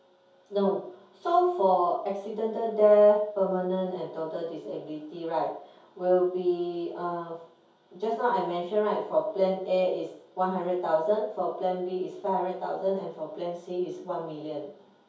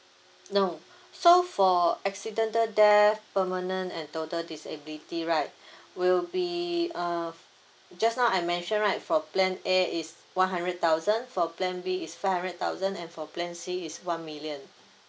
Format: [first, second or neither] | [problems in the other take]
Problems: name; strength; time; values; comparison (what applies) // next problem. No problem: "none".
second | room echo; dies away in 0.6 s